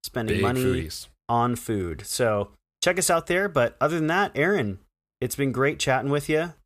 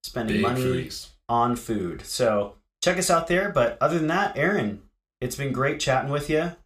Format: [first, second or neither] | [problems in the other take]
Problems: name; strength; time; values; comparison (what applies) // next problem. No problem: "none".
first | room echo; very slight; dies away in 0.3 s